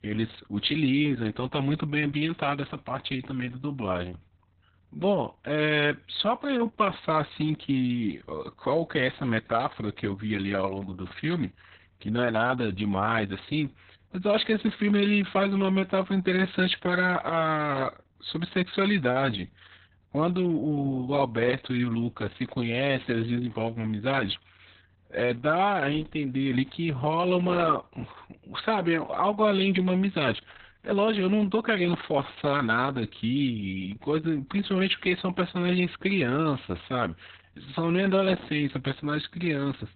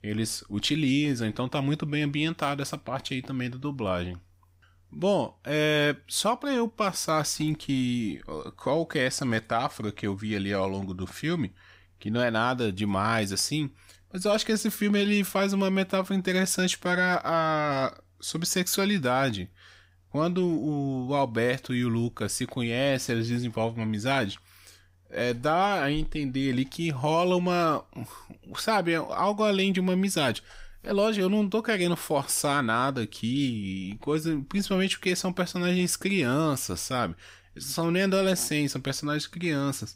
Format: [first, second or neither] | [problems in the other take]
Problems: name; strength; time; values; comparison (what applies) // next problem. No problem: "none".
second | garbled, watery; badly; nothing above 4 kHz